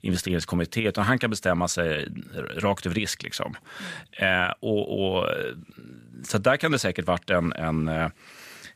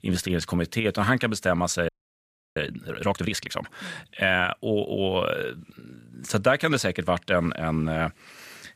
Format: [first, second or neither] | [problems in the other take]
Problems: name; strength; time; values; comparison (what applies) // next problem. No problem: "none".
first | audio freezing; at 2 s for 0.5 s